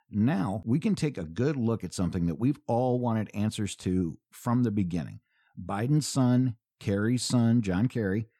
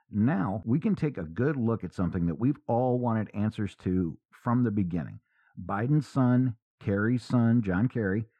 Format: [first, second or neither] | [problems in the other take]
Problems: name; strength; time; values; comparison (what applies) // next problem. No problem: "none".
first | muffled; very; fading above 3.5 kHz